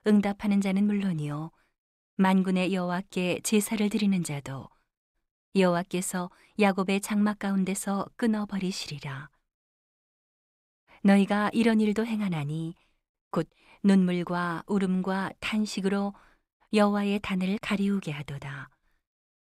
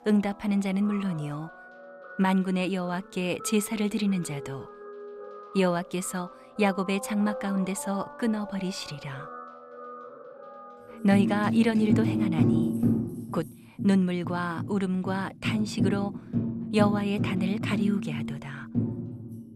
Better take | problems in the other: first | background music; loud; throughout; 4 dB below the speech

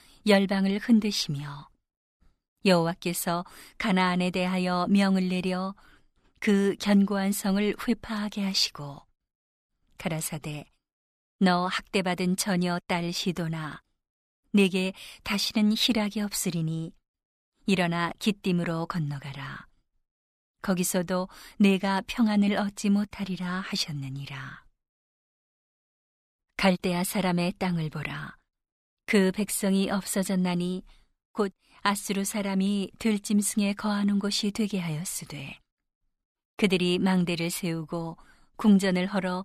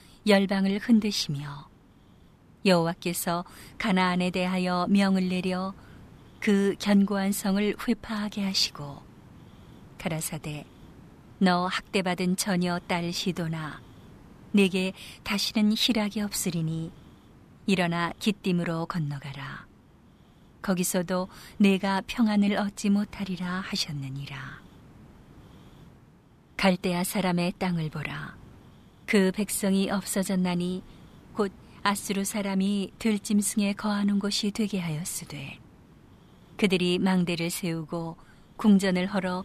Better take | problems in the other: first | hiss; faint; throughout; 25 dB below the speech

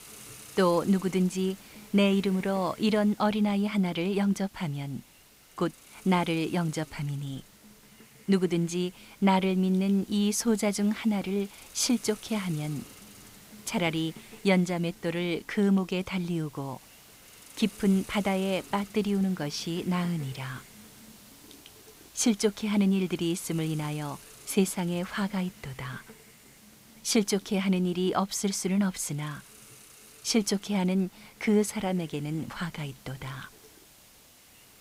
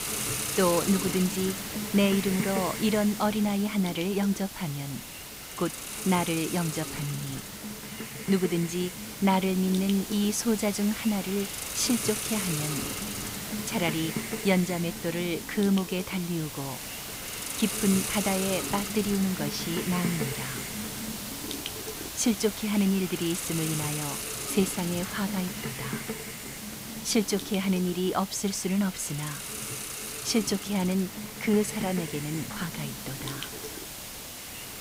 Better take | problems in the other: first | hiss; loud; throughout; 5 dB below the speech; faint in the first

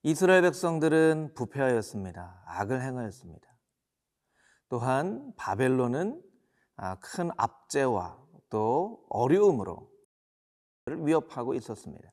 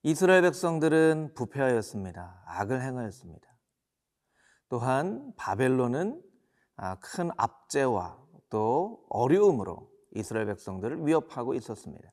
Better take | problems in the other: second | audio cutting out; at 10 s for 1 s

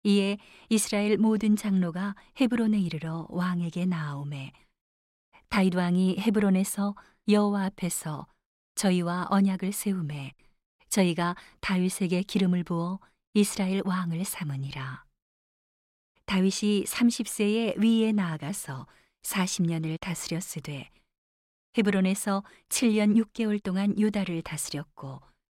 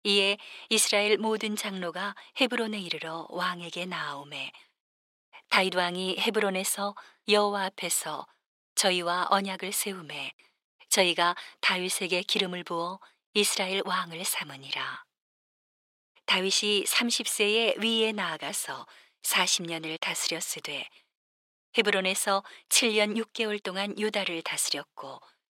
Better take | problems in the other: first | thin; very; fading below 550 Hz

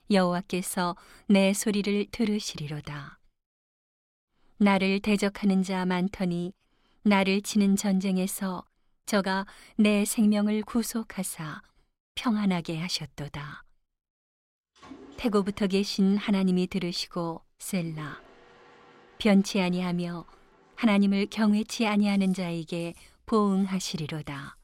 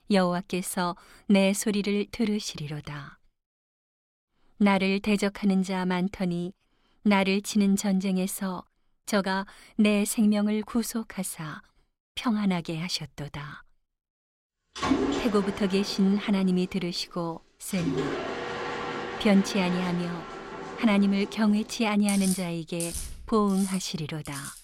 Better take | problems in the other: first | machinery noise; loud; from 15 s on; 8 dB below the speech; faint in the first

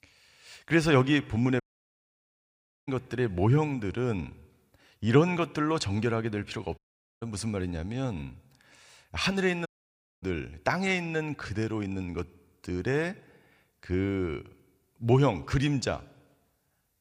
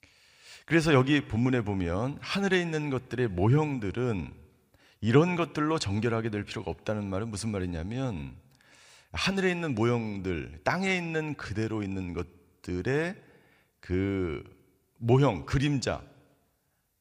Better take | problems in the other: second | audio cutting out; at 1.5 s for 1.5 s, at 7 s and at 9.5 s for 0.5 s

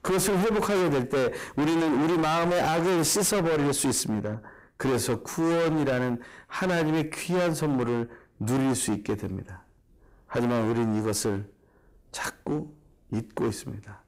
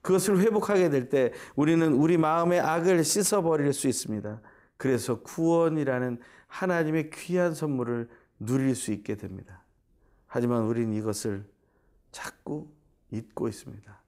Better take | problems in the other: second | distortion; heavy; 24% of the sound clipped

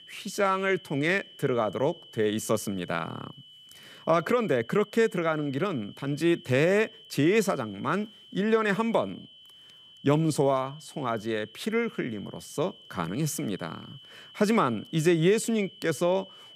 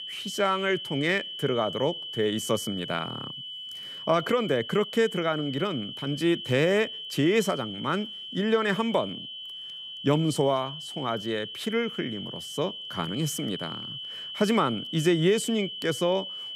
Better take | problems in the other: first | high-pitched whine; loud; throughout; 3 kHz, 8 dB below the speech; faint in the first

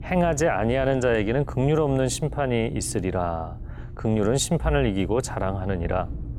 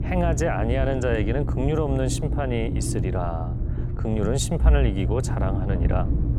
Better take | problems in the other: first | low rumble; loud; throughout; 9 dB below the speech; faint in the first

